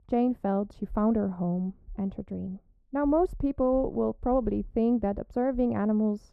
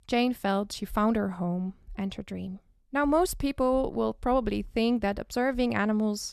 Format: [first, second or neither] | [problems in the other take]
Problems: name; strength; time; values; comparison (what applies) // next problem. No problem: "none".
second | muffled; very; fading above 1.5 kHz